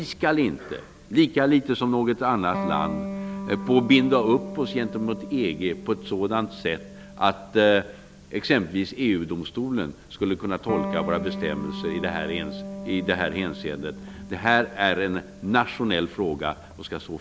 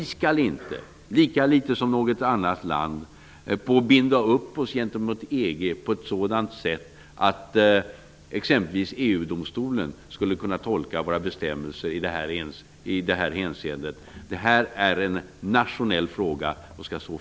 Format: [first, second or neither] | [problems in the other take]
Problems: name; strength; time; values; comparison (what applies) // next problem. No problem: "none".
second | background sound (Electric guitar); 11 dB below the speech